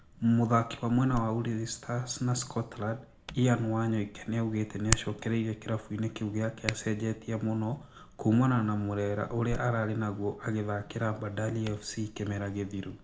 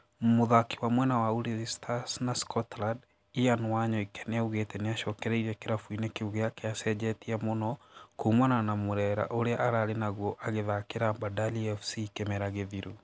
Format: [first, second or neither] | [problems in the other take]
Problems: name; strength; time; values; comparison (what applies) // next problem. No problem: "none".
second | background sound (Hands); 13 dB below the speech // room echo; dies away in 0.3 s